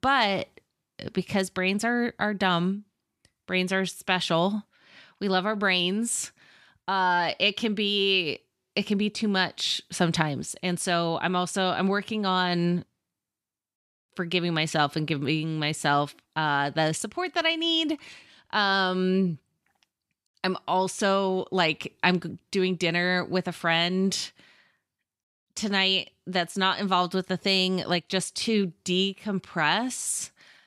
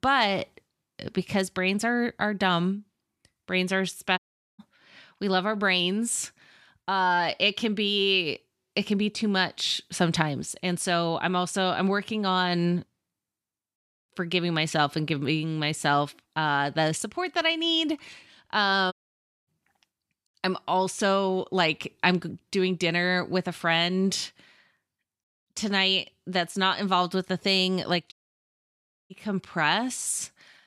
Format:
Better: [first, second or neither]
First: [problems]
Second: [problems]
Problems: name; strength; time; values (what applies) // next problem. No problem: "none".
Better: first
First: none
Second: audio cutting out; at 4 s, at 19 s for 0.5 s and at 28 s for 1 s